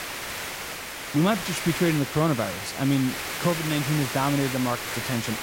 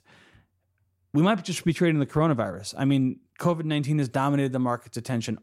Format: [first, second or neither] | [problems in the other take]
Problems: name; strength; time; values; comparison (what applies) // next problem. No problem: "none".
second | hiss; loud; throughout; 5 dB below the speech